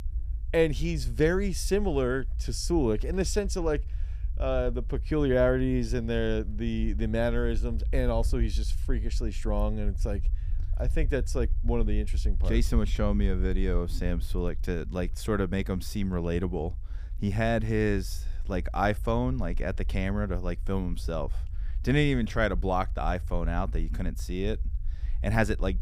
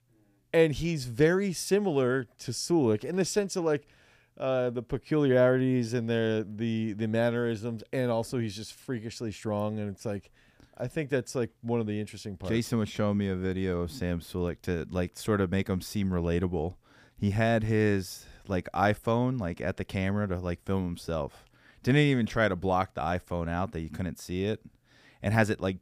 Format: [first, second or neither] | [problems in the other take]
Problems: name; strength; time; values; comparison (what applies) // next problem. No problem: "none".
second | low rumble; faint; throughout; 25 dB below the speech